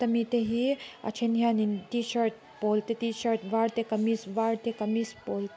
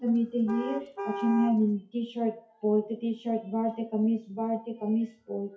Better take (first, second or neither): first